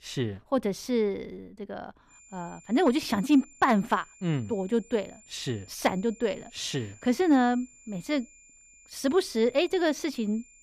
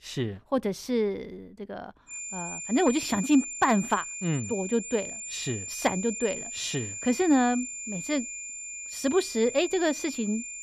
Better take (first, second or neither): first